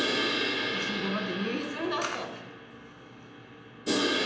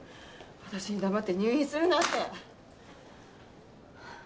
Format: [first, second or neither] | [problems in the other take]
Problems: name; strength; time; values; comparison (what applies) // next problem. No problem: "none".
second | background sound (Crash cymbal); 5 dB above the speech // room echo; dies away in 0.8 s